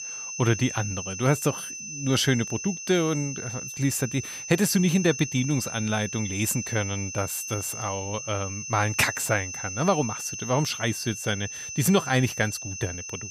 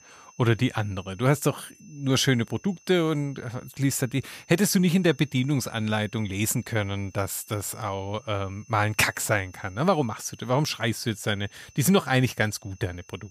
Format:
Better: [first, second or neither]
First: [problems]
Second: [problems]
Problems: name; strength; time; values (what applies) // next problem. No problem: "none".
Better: second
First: high-pitched whine; loud; throughout; 6 kHz, 7 dB below the speech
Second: high-pitched whine; faint; throughout; 6 kHz, 25 dB below the speech